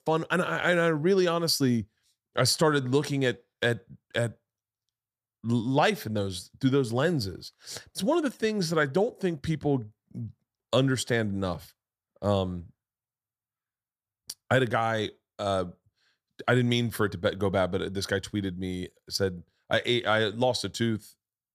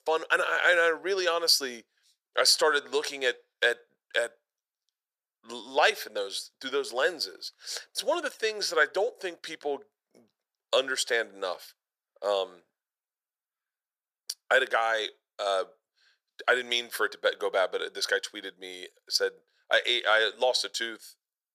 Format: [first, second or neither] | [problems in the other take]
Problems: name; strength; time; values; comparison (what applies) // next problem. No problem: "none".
first | thin; very; fading below 450 Hz